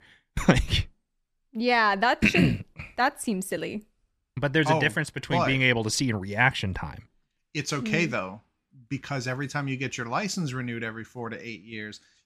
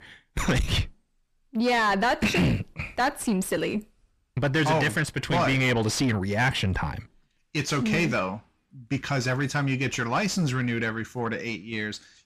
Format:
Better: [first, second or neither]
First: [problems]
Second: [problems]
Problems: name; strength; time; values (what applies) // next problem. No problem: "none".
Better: first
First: none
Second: distortion; heavy; 6 dB below the speech